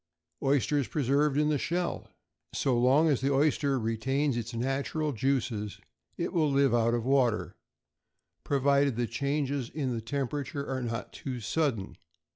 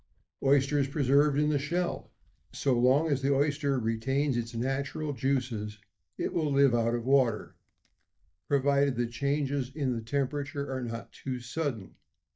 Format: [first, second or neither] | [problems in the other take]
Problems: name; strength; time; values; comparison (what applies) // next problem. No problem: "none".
first | noise reduction (neural mask model DeepFilterNet 3)